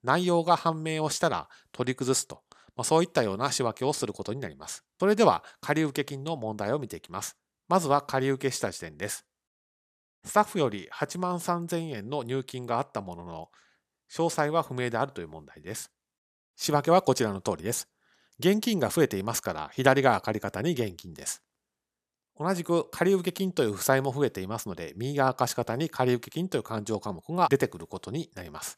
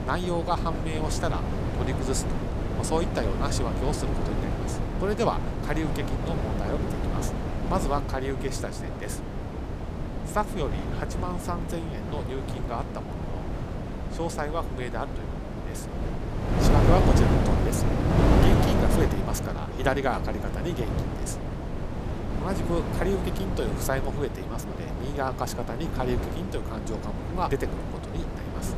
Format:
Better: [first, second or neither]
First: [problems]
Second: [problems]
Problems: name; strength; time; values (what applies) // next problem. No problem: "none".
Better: first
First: none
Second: wind noise on the microphone; heavy; 2 dB below the speech